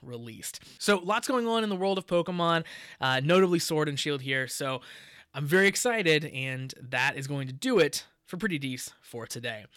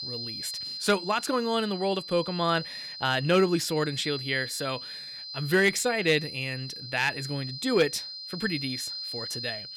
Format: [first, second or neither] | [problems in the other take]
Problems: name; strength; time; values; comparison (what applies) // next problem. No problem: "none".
first | high-pitched whine; loud; throughout; 4 kHz, 8 dB below the speech